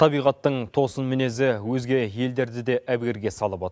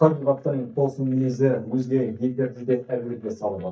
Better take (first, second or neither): first